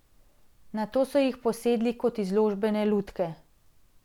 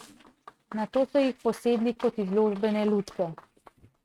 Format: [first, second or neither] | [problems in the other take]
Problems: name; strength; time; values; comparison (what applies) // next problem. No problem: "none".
first | noise reduction (neural mask model RNNoise)